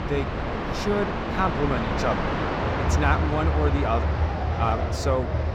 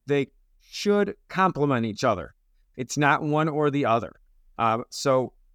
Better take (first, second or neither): second